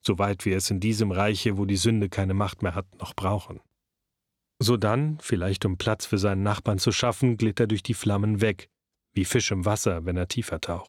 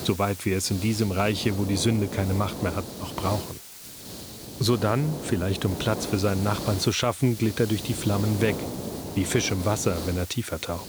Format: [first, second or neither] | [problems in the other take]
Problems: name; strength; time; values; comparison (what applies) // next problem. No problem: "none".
first | hiss; loud; throughout; 9 dB below the speech